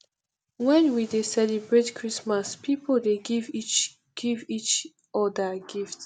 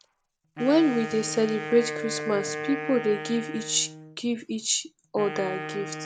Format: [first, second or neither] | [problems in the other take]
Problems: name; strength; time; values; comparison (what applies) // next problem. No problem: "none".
first | background sound (Wind instrument, woodwind instrument); 9 dB below the speech